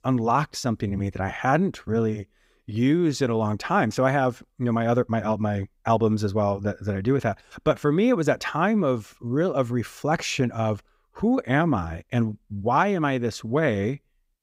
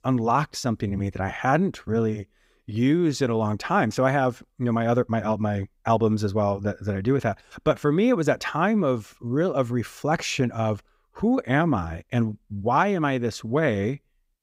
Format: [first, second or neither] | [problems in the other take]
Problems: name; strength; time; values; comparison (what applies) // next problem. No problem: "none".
neither | none